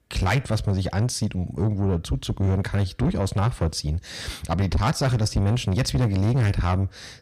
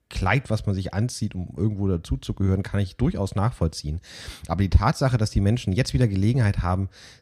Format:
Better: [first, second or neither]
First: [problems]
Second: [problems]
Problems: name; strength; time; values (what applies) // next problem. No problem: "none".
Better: second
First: distortion; heavy; 8 dB below the speech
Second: none